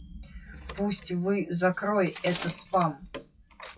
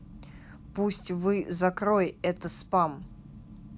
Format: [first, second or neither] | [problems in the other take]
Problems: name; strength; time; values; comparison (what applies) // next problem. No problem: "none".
second | noise reduction (classical method WPE with log-MMSE)